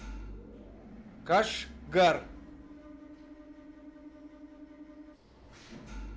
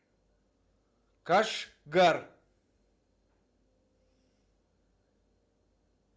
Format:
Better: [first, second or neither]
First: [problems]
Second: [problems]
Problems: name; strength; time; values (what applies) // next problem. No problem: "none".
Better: second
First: background sound (Engine / Mechanisms); 12 dB below the speech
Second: none